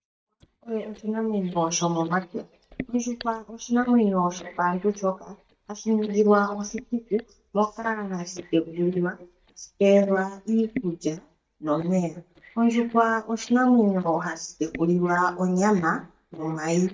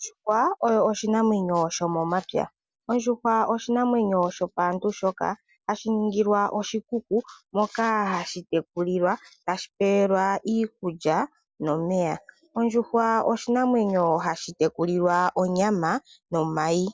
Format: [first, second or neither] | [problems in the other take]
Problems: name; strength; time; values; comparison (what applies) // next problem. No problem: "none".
second | noise reduction (neural mask model DeepFilterNet 3)